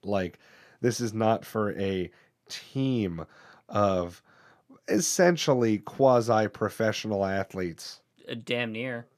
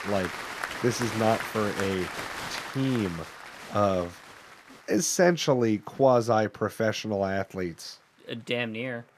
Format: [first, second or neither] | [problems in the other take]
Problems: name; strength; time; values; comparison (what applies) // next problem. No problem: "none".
first | crowd noise; loud; throughout; 9 dB below the speech